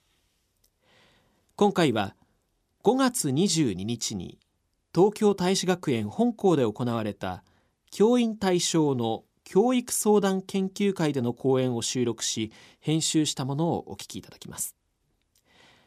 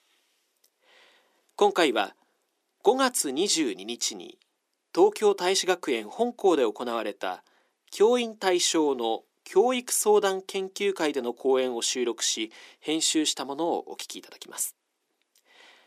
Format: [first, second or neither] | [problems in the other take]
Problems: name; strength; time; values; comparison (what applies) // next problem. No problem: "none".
first | thin; somewhat; fading below 300 Hz